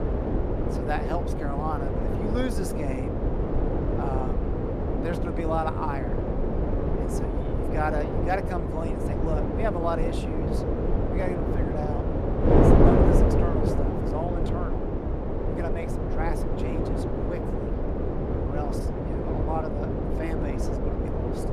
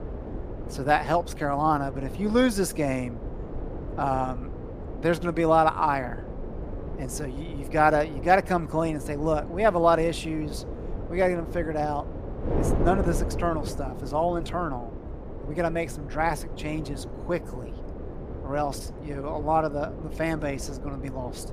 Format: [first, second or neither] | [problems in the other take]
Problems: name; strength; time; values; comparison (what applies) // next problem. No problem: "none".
second | wind noise on the microphone; heavy; 2 dB above the speech; occasional gusts in the second